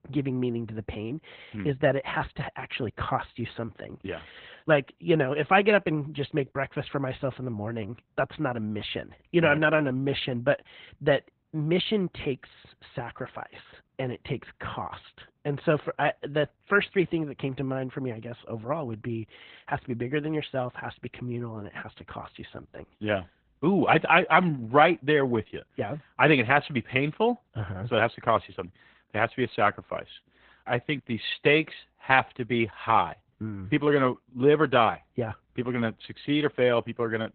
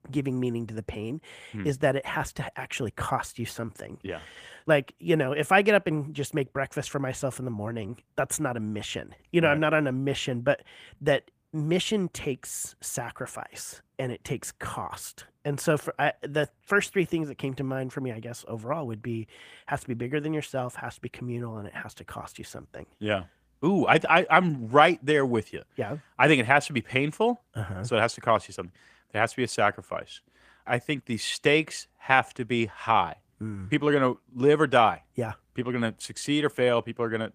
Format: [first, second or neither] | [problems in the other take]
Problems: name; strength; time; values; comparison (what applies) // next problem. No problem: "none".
second | garbled, watery; badly; nothing above 3.5 kHz; slightly in the second